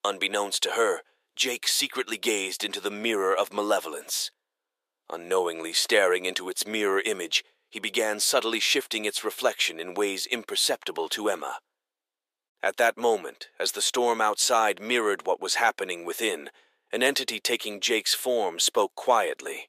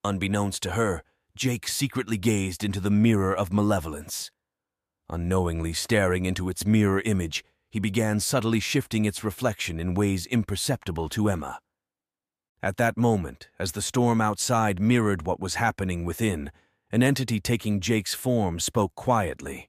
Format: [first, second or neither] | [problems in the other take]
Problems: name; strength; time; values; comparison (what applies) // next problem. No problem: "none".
second | thin; very; fading below 400 Hz